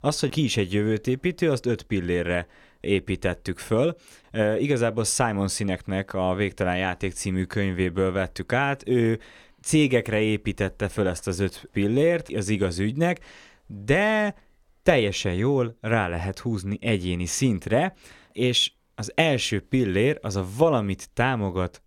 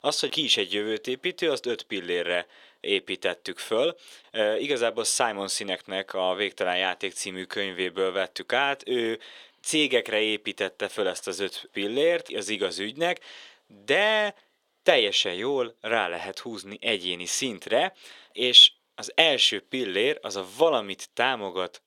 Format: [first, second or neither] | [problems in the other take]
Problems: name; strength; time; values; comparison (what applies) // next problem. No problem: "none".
first | thin; somewhat; fading below 450 Hz